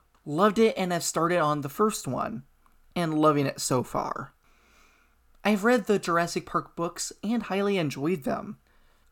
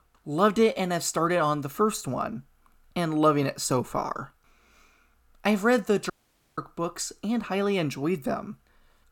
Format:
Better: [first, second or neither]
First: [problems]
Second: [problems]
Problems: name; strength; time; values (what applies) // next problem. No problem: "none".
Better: first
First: none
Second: audio cutting out; at 6 s